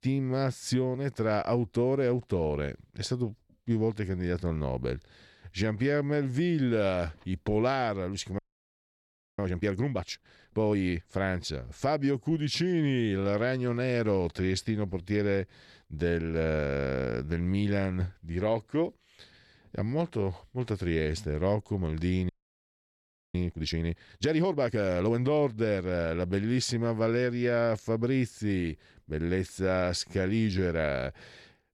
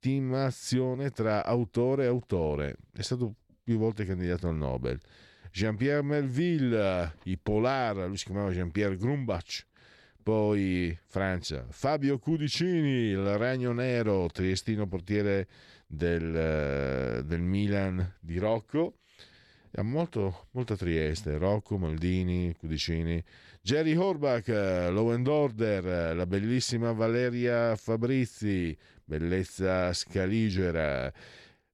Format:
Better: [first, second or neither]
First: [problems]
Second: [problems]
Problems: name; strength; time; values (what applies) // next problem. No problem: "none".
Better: second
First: audio freezing; at 8.5 s for 1 s and at 22 s for 1 s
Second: none